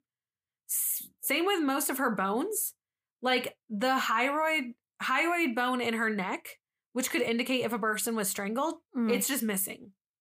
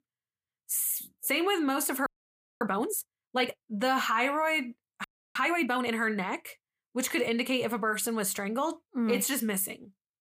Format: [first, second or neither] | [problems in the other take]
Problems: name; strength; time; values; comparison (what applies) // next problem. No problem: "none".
first | audio freezing; at 2 s for 0.5 s and at 5 s